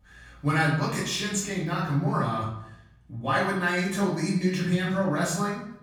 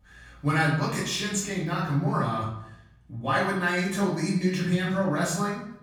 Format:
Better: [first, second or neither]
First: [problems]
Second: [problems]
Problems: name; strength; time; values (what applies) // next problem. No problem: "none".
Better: neither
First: off-mic speech; far // room echo; noticeable; dies away in 0.6 s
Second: off-mic speech; far // room echo; noticeable; dies away in 0.6 s